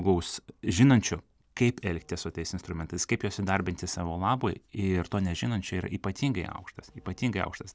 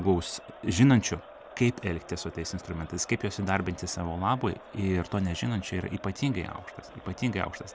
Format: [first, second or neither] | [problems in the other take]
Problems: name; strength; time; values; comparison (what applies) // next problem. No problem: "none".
first | background sound (Crowd); 19 dB below the speech